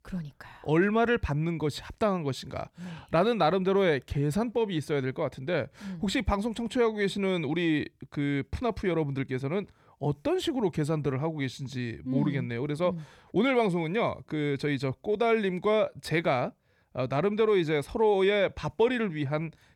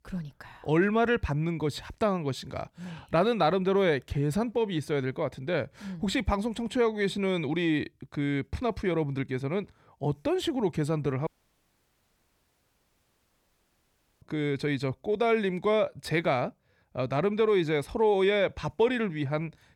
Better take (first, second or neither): first